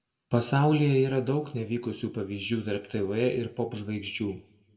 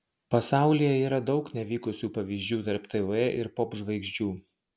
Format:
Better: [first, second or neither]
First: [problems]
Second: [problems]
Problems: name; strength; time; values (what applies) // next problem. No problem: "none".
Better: second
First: room echo; dies away in 0.7 s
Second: none